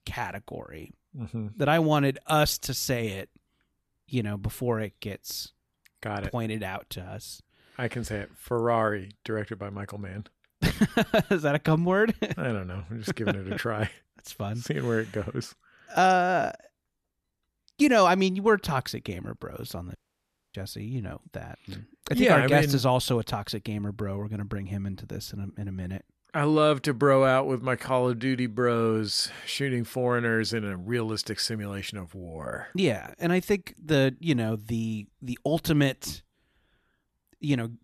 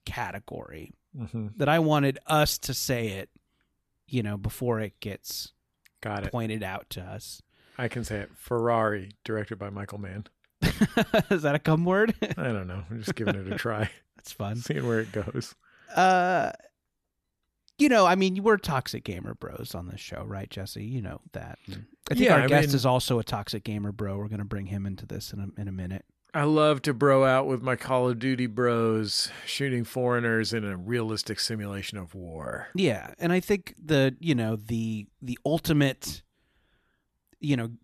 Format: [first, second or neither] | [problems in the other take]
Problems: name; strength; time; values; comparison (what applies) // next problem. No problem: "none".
second | audio cutting out; at 20 s for 0.5 s